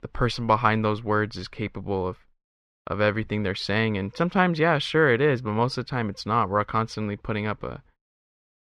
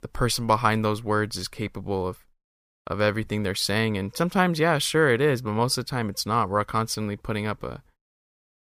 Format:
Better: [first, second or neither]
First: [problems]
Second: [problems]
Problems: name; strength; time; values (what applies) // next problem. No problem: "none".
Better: second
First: muffled; very slightly; fading above 3 kHz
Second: none